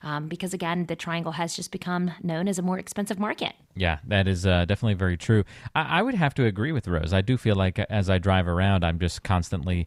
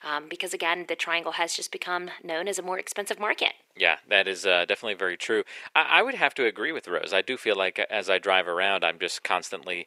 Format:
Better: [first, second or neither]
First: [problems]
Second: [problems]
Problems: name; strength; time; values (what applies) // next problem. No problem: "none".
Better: first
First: none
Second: thin; very; fading below 400 Hz